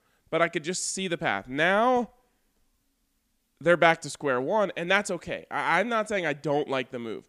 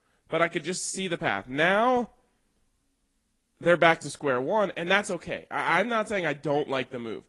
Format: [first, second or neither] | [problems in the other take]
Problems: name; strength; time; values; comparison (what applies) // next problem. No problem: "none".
first | garbled, watery; slightly